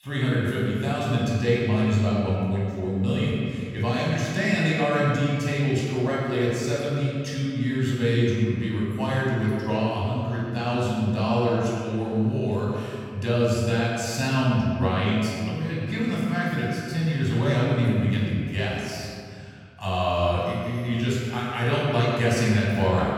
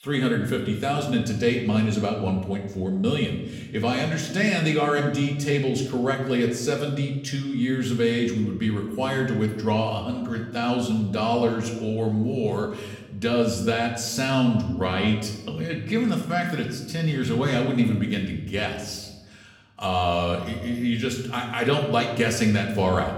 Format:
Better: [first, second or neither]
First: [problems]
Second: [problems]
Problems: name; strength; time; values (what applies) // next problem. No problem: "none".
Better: second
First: room echo; strong; dies away in 2.1 s // off-mic speech; far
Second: room echo; slight; dies away in 0.9 s // off-mic speech; somewhat distant